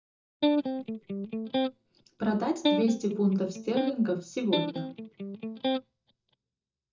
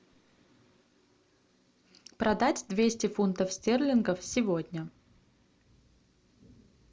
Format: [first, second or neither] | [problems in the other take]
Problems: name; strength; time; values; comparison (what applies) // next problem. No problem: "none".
second | noise reduction (neural mask model DeepFilterNet 3)